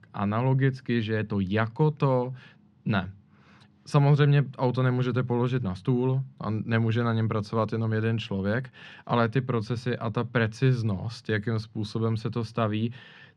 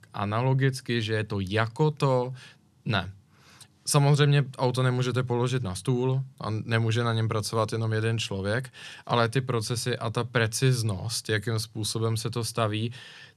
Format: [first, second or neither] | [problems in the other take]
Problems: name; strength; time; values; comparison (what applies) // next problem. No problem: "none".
second | muffled; slightly; fading above 2.5 kHz